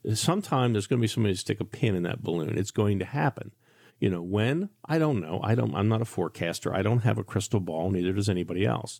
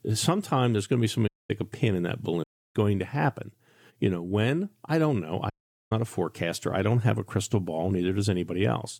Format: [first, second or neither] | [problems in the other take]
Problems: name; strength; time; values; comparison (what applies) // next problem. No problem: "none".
first | audio cutting out; at 1.5 s, at 2.5 s and at 5.5 s